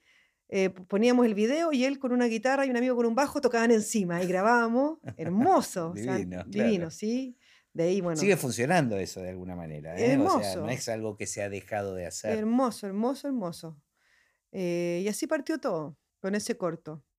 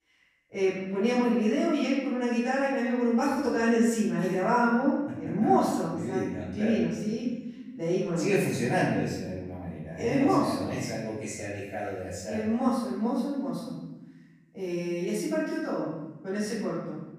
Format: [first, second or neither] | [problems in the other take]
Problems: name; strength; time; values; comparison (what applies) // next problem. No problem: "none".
first | off-mic speech; far // room echo; noticeable; dies away in 1.1 s